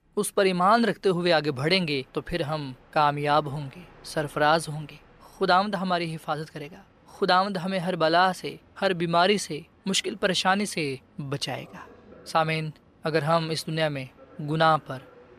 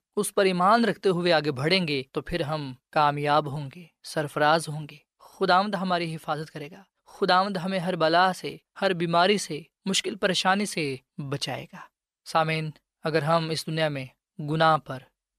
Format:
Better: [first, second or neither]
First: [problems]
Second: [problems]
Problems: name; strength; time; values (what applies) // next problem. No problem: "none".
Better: second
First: train or aircraft noise; faint; throughout; 30 dB below the speech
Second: none